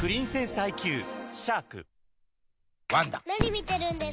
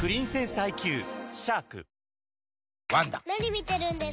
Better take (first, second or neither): second